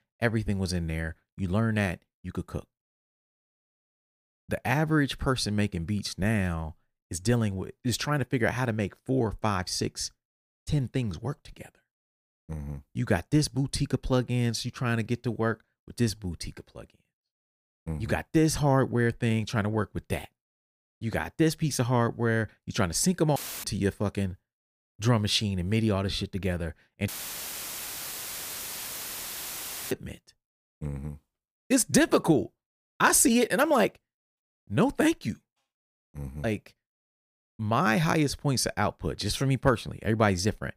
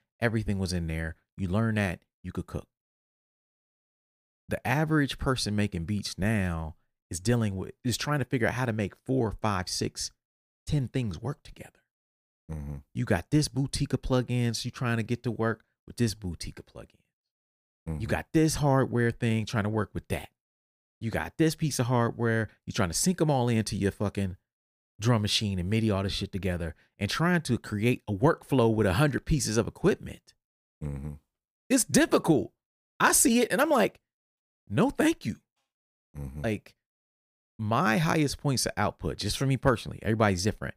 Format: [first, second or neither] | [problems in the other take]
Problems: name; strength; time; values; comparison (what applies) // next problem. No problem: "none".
second | audio cutting out; filled with static; at 23 s and at 27 s for 3 s